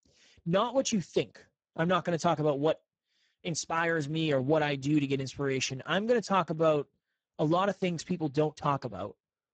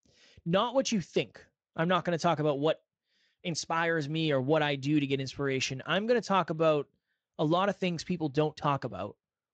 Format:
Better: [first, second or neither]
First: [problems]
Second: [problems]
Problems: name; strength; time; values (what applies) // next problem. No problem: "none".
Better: second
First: garbled, watery; badly; nothing above 7.5 kHz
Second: garbled, watery; slightly